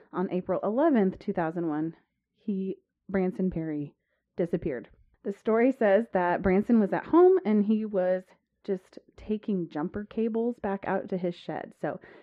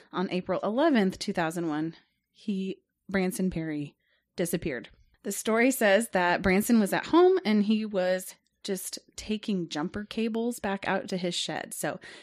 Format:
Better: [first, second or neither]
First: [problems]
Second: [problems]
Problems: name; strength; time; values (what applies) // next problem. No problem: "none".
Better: second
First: muffled; very; fading above 4 kHz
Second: none